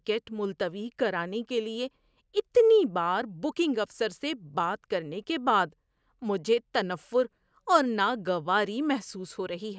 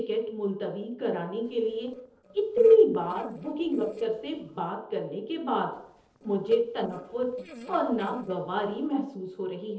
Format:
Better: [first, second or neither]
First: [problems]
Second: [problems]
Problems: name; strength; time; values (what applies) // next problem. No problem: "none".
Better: first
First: none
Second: noise reduction (neural separator model SepFormer DNS4)